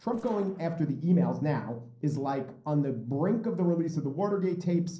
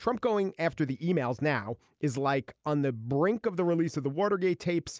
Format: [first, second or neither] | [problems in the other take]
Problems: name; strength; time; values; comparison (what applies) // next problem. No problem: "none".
second | noise reduction (neural separator model SepFormer DNS4)